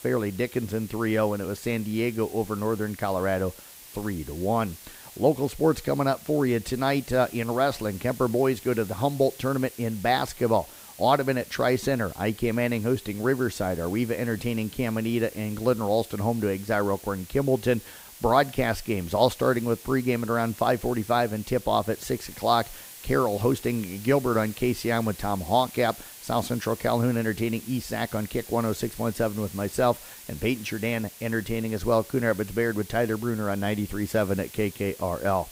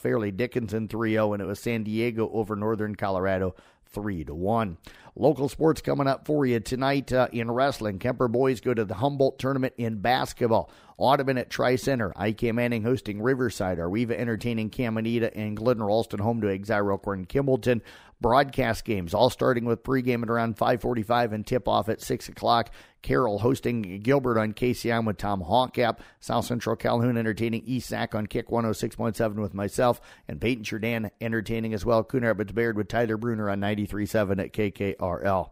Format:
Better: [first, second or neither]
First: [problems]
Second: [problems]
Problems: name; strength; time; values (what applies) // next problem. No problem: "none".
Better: second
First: hiss; noticeable; throughout; 15 dB below the speech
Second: none